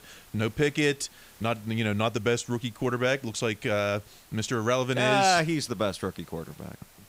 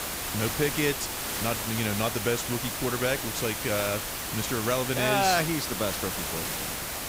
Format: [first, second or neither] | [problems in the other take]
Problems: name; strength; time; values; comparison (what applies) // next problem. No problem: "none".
first | hiss; loud; throughout; 2 dB below the speech; faint in the first